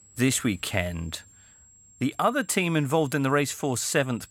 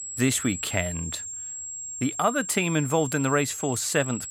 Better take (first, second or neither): first